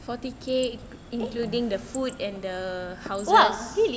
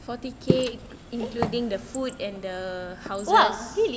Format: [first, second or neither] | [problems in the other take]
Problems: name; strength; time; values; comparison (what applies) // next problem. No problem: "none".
first | background sound (Walk, footsteps); 4 dB below the speech